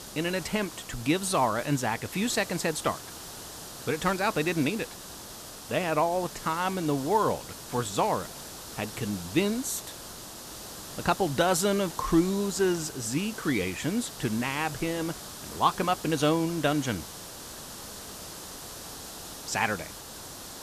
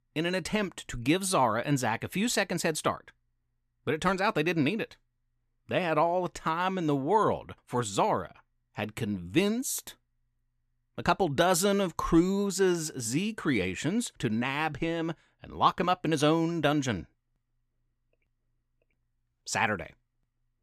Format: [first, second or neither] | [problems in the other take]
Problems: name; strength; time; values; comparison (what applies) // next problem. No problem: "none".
second | hiss; noticeable; throughout; 10 dB below the speech